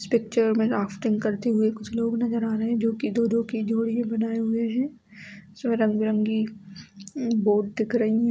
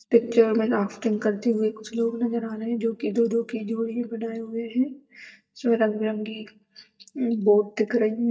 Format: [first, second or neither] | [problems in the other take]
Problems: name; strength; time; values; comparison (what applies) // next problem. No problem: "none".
first | noise reduction (neural mask model DeepFilterNet 3)